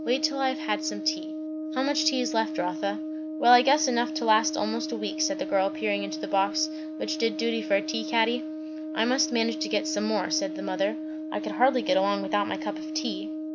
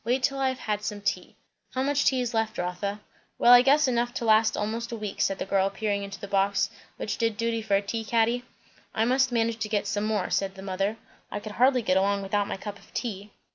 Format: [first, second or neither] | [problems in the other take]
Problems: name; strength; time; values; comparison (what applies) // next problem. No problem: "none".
second | background sound (Brass instrument); 6 dB below the speech